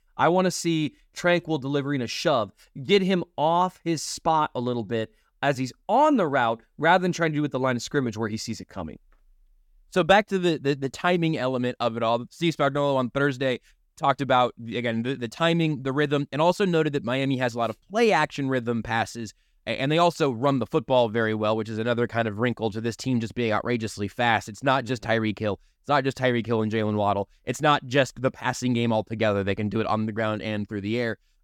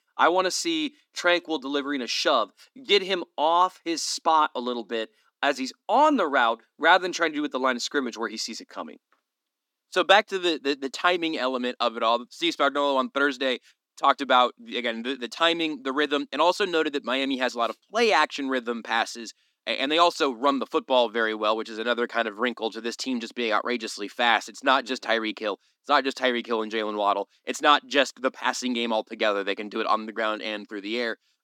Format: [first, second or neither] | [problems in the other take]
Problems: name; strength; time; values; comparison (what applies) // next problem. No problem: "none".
first | thin; very slightly; fading below 250 Hz